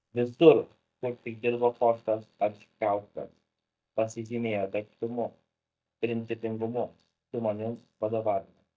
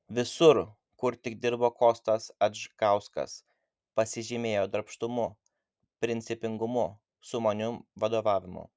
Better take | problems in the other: second | noise reduction (neural mask model DeepFilterNet 3)

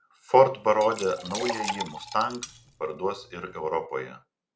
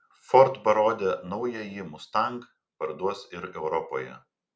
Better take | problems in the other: second | background sound (Liquid + Cutlery, silverware); 11 dB below the speech

